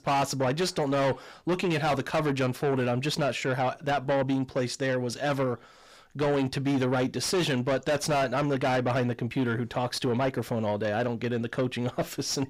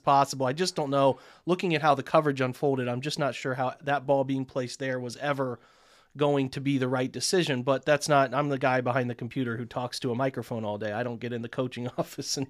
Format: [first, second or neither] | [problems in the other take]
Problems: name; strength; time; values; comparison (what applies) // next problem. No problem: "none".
second | distortion; heavy; 6 dB below the speech